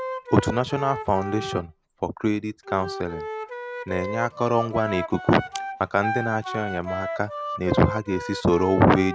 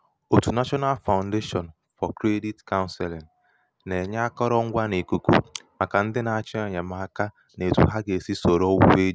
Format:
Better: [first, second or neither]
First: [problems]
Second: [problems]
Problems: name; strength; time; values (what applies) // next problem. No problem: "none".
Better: second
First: background sound (Wind instrument, woodwind instrument); 8 dB below the speech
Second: none